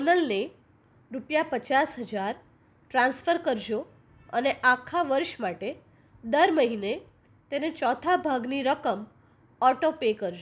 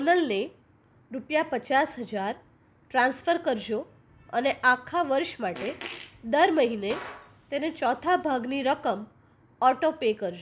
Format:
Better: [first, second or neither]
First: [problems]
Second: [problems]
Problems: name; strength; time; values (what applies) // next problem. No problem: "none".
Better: first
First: none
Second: background sound (Fart); 17 dB below the speech